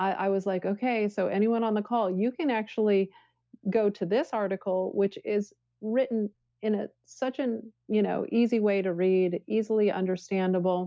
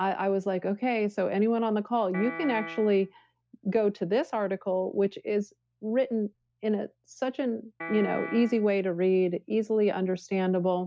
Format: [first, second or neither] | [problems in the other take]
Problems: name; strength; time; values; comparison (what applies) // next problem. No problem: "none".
first | background sound (Piano); 11 dB below the speech